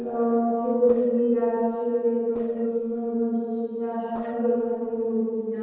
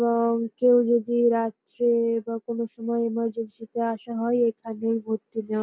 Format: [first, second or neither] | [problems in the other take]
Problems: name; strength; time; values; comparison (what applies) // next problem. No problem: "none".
second | noise reduction (neural separator model SepFormer DNS4)